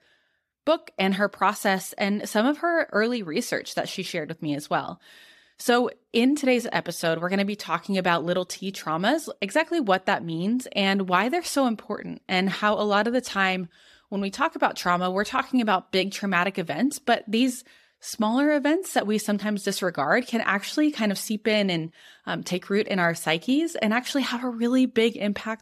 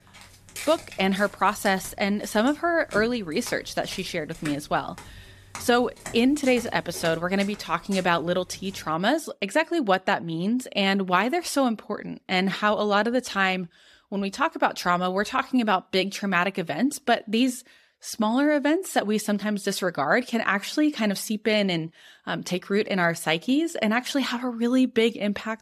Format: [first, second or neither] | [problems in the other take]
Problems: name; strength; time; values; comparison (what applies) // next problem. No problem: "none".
first | footsteps; faint; until 9 s; peak 10 dB below the speech